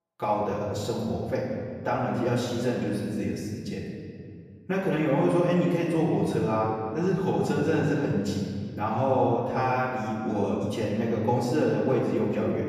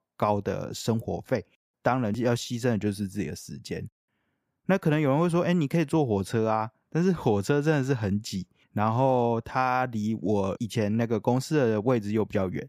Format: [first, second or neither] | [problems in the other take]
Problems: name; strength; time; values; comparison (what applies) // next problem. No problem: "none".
second | off-mic speech; far // room echo; noticeable; dies away in 2 s